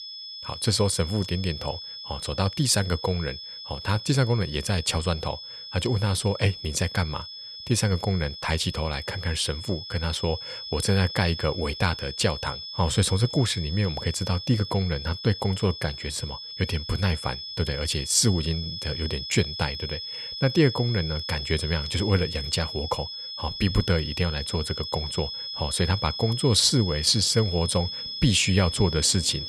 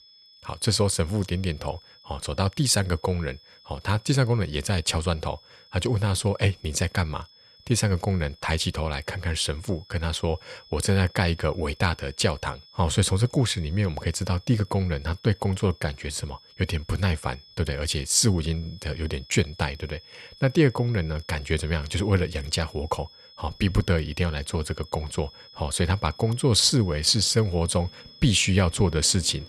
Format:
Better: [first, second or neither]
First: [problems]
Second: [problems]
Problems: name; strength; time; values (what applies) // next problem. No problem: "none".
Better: second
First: high-pitched whine; loud; throughout; 5 kHz, 8 dB below the speech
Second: high-pitched whine; faint; throughout; 5 kHz, 25 dB below the speech